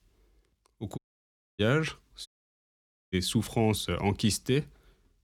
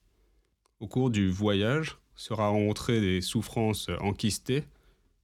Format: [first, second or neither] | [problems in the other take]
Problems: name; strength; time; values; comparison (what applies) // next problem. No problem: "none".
second | audio cutting out; at 1 s for 0.5 s and at 2.5 s for 1 s